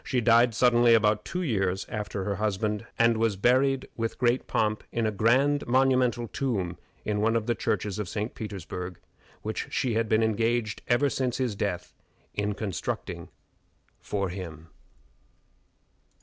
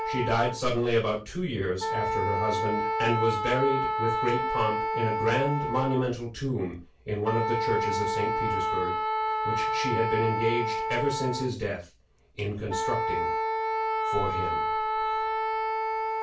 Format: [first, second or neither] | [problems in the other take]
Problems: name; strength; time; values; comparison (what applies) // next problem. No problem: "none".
first | background sound (Wind instrument, woodwind instrument); 1 dB above the speech // room echo; dies away in 0.2 s